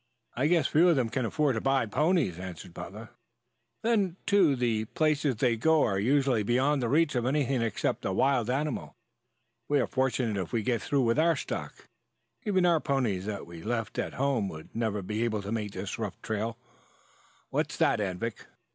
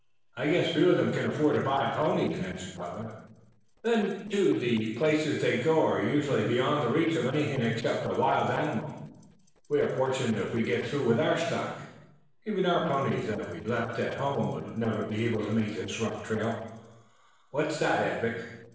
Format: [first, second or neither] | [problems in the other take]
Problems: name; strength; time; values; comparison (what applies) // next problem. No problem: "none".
first | noise reduction (neural separator model SepFormer DNS4)